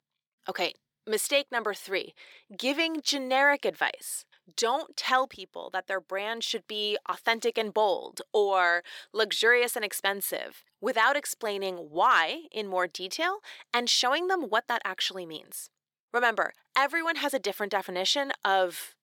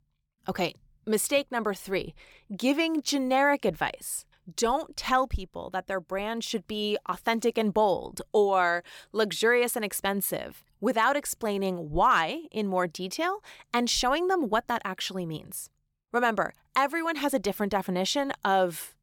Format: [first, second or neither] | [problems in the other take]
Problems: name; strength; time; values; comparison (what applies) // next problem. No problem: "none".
second | thin; somewhat; fading below 400 Hz